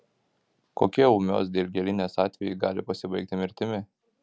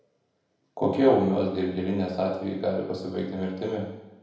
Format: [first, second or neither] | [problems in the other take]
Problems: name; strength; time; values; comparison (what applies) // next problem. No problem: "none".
first | room echo; dies away in 0.9 s